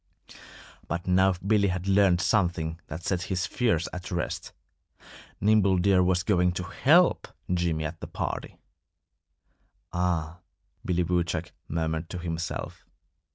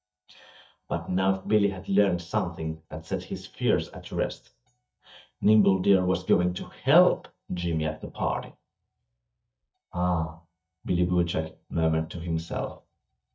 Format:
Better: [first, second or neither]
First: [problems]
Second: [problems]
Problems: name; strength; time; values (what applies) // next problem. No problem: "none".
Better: first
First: none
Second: noise reduction (neural mask model DeepFilterNet 3)